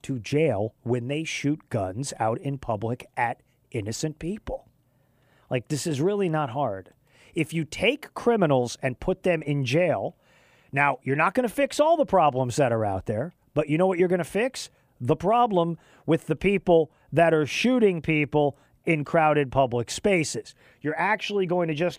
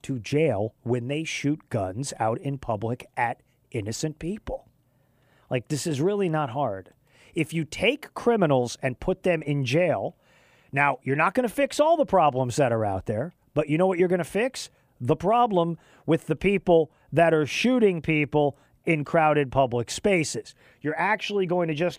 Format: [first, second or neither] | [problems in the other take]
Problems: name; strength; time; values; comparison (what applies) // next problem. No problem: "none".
neither | none